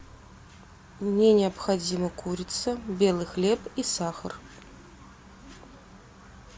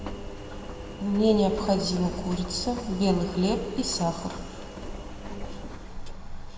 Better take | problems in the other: first | background sound (Engine); 8 dB below the speech // room echo; dies away in 2 s

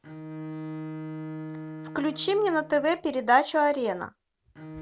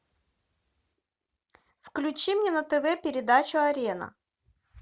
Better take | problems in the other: second | background sound (Bowed string instrument); 12 dB below the speech

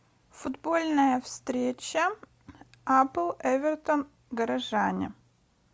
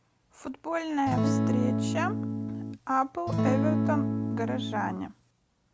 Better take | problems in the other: first | background sound (Acoustic guitar / Strum); 4 dB above the speech

